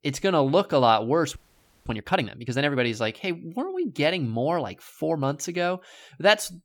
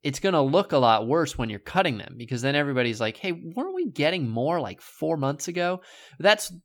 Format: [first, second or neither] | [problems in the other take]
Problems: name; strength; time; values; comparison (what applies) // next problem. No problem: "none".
second | audio freezing; at 1.5 s for 0.5 s